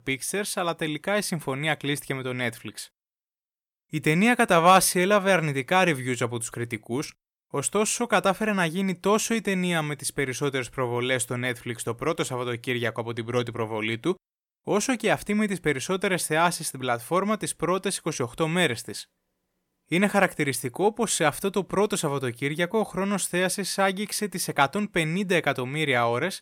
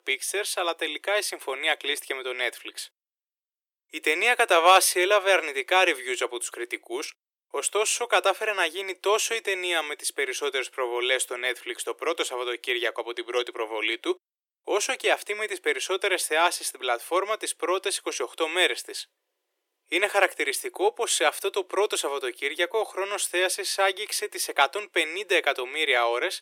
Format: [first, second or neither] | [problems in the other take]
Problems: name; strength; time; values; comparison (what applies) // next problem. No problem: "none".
first | thin; very; fading below 350 Hz